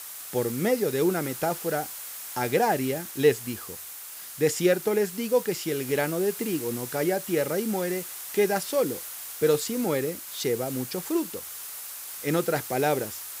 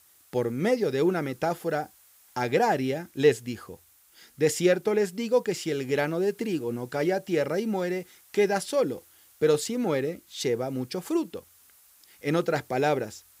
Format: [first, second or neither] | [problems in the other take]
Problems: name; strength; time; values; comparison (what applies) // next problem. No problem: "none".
second | hiss; loud; throughout; 9 dB below the speech; faint in the second